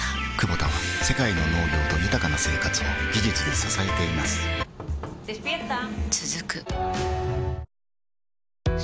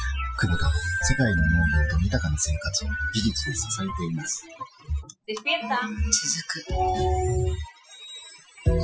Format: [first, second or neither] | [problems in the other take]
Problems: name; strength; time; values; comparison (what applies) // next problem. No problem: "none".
first | noise reduction (classical method Wiener filter)